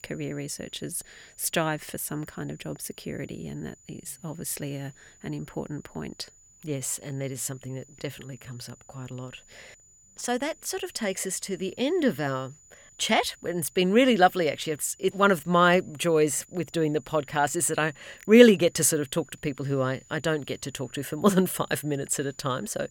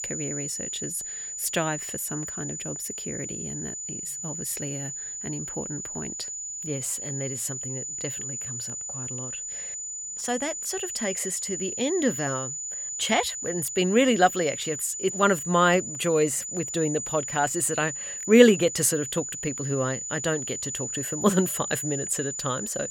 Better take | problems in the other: first | high-pitched whine; loud; throughout; 7 kHz, 5 dB below the speech; faint in the first

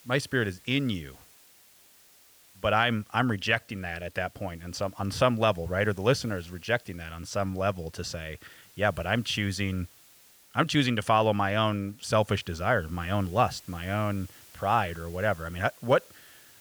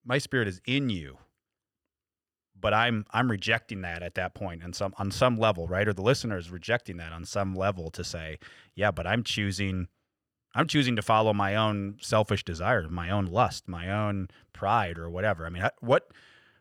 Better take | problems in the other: second | hiss; faint; throughout; 25 dB below the speech

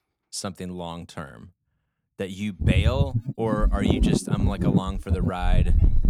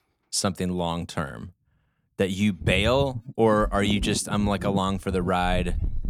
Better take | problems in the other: second | wind noise on the microphone; heavy; from 2.5 s on; 2 dB below the speech; occasional gusts in the second

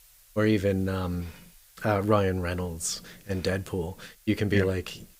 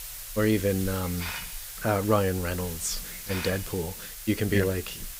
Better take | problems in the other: first | hiss; loud; throughout; 8 dB below the speech; faint in the first

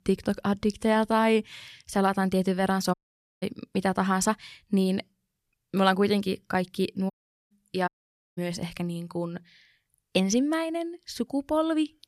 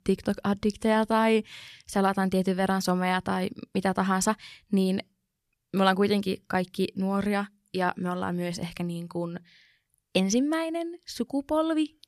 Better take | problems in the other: second | audio cutting out; at 3 s, at 7 s and at 8 s

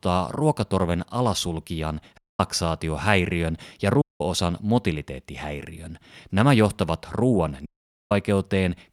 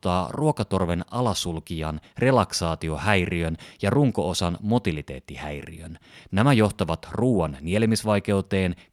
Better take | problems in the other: second | audio cutting out; at 2 s, at 4 s and at 7.5 s

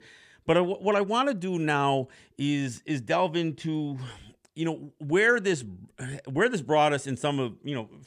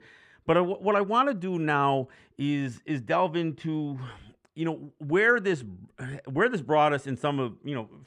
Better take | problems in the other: first | muffled; slightly; fading above 3.5 kHz

